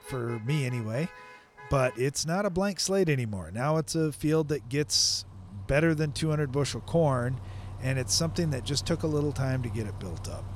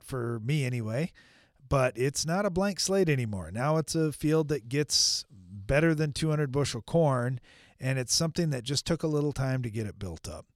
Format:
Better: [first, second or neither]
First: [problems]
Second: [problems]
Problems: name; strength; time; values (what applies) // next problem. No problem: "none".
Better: second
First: traffic noise; noticeable; throughout; 15 dB below the speech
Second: none